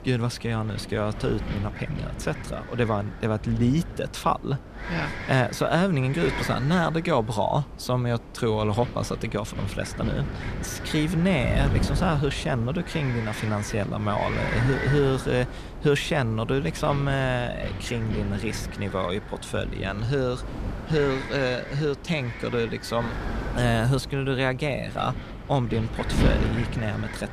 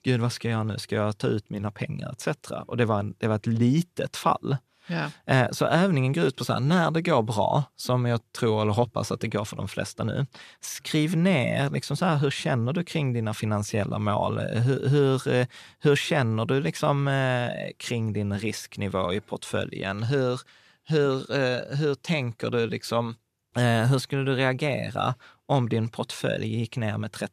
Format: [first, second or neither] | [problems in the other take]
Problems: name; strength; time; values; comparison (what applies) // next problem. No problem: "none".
second | wind noise on the microphone; heavy; 8 dB below the speech